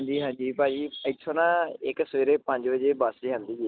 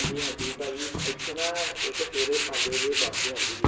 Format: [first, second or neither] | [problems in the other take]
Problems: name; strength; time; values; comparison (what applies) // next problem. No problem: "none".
first | background sound (Tools); 4 dB above the speech // room echo; dies away in 0.7 s